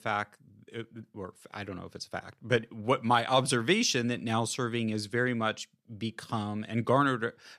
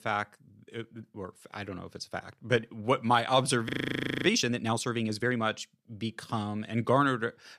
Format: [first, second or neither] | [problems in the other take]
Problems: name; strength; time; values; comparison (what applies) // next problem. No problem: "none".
first | audio freezing; at 3.5 s for 0.5 s